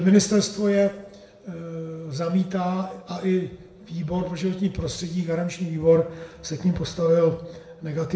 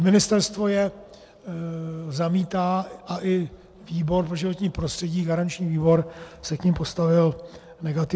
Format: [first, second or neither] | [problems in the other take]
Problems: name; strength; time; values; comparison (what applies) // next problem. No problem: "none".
second | room echo; dies away in 0.7 s